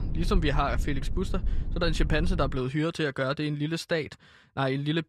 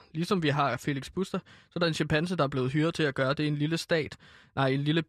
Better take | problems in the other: second | low rumble; noticeable; until 2.5 s; 20 dB below the speech

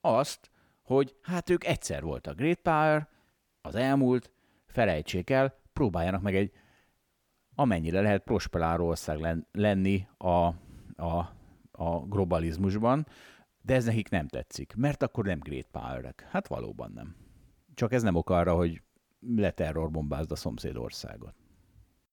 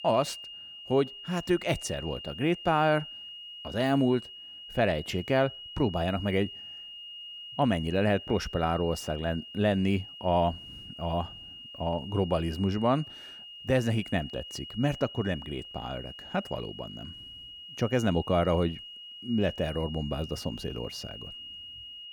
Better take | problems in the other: first | high-pitched whine; noticeable; throughout; 3 kHz, 10 dB below the speech

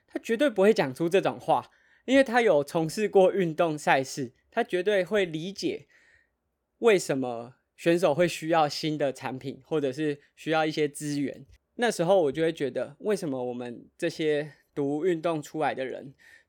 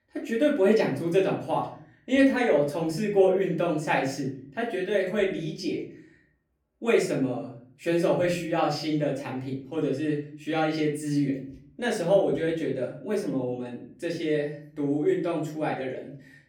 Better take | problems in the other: first | off-mic speech; far // room echo; slight; dies away in 0.5 s

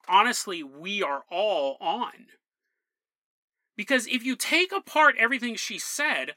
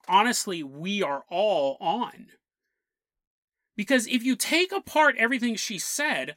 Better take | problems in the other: second | thin; very slightly; fading below 300 Hz

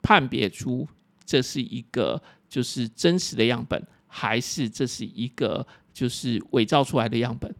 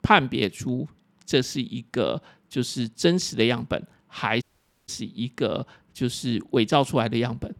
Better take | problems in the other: first | audio cutting out; at 4.5 s

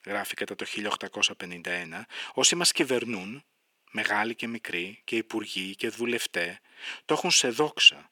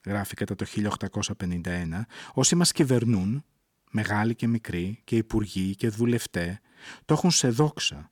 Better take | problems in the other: second | thin; somewhat; fading below 450 Hz

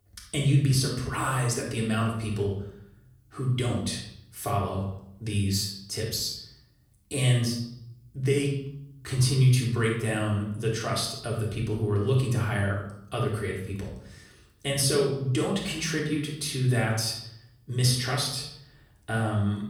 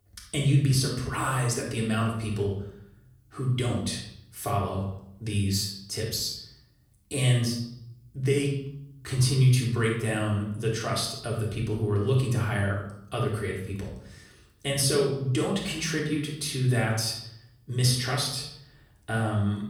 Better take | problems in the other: neither | off-mic speech; far; the same in both // room echo; noticeable; dies away in 0.6 s; the same in both

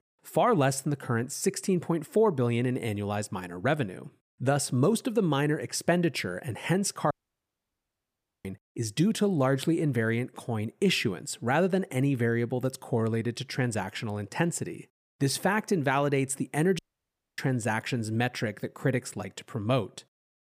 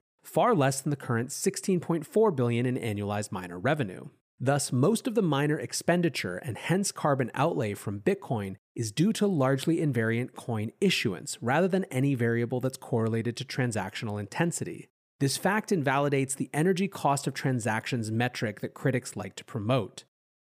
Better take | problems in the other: second | audio cutting out; at 7 s for 1.5 s and at 17 s for 0.5 s

